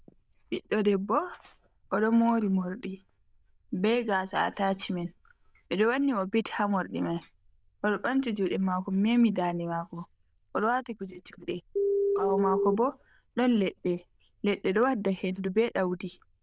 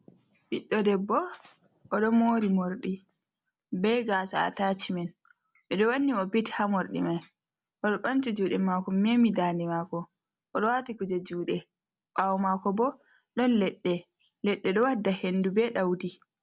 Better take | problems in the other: second | noise reduction (neural diffusion model UNIVERSE++)

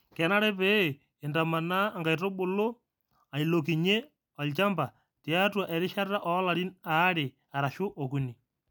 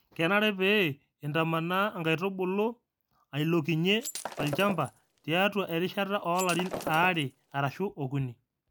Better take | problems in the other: first | background sound (Shatter); 10 dB below the speech

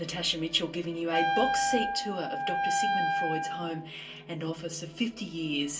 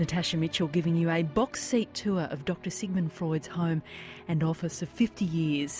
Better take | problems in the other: second | background sound (Wind instrument, woodwind instrument); 3 dB above the speech // room echo; dies away in 0.2 s

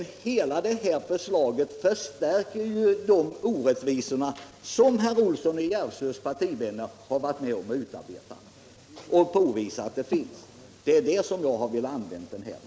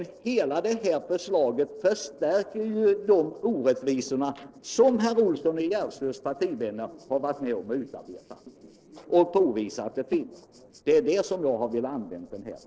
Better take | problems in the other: first | noise reduction (neural separator model SepFormer DNS4)

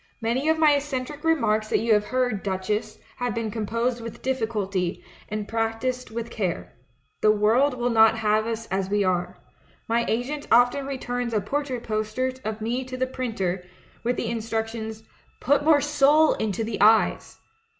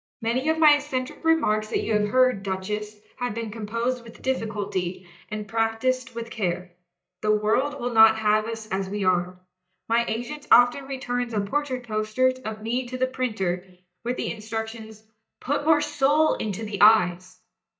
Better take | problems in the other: first | noise reduction (neural mask model DeepFilterNet 3)

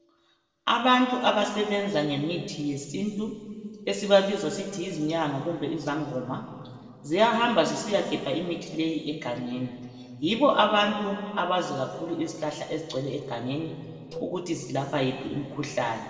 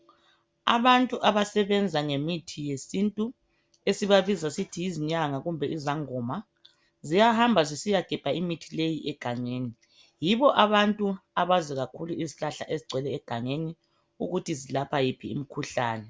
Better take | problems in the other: second | noise reduction (neural separator model SepFormer DNS4)

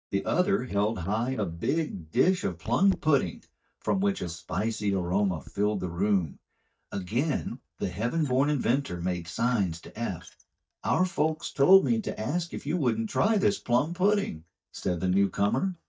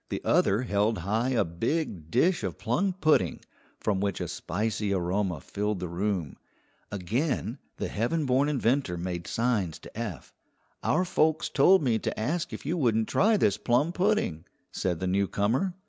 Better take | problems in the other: second | noise reduction (neural mask model DeepFilterNet 3)

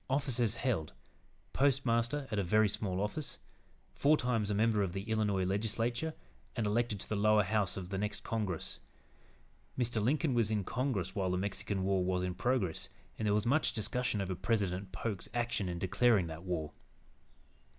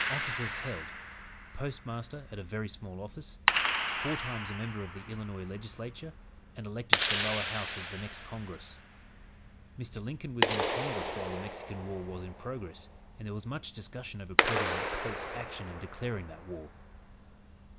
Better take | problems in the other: first | background sound (Clapping); 4 dB above the speech

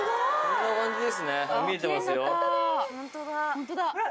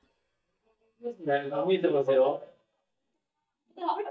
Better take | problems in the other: first | noise reduction (neural mask model DeepFilterNet 3)

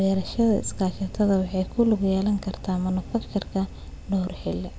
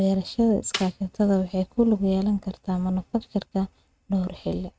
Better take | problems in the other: first | noise reduction (neural mask model RNNoise)

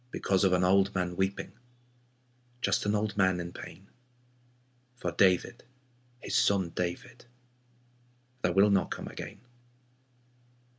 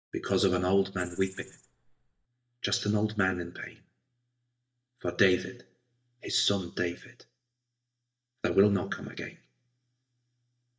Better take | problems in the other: first | noise reduction (neural mask model DeepFilterNet 3)

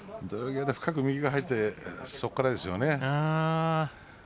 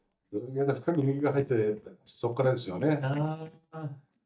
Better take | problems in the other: first | noise reduction (neural mask model DeepFilterNet 3)

